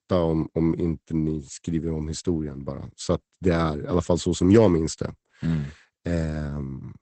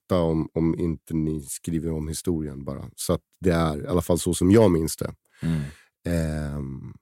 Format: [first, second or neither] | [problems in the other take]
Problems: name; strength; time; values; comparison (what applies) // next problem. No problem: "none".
second | garbled, watery; badly; nothing above 8 kHz